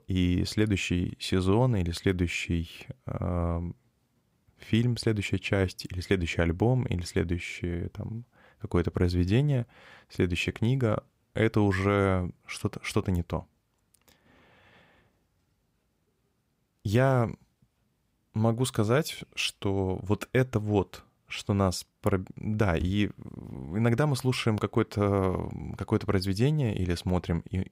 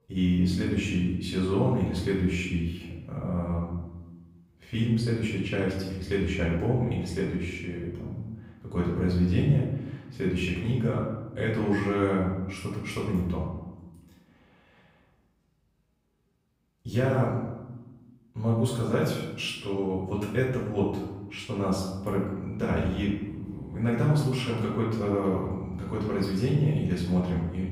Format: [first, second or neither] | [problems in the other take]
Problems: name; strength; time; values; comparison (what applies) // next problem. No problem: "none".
first | room echo; noticeable; dies away in 1 s // off-mic speech; far